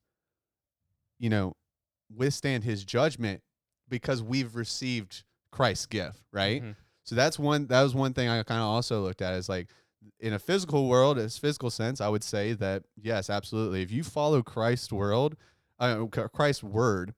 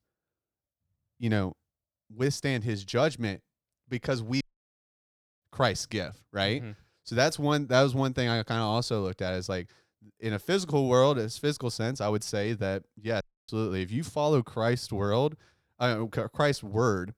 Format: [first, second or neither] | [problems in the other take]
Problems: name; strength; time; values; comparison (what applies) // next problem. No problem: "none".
first | audio cutting out; at 4.5 s for 1 s and at 13 s